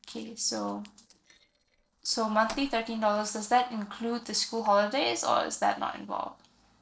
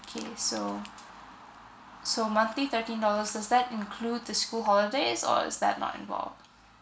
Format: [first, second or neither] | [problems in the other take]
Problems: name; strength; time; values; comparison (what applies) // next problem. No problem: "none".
second | noise reduction (neural separator model SepFormer DNS4)